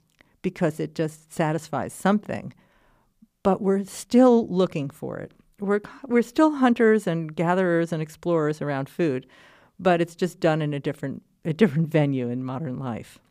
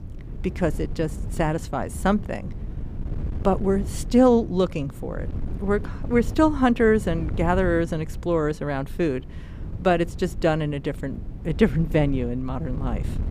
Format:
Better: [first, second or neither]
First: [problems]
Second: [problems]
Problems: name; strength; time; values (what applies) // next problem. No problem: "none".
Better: first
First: none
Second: wind noise on the microphone; occasional gusts; 20 dB below the speech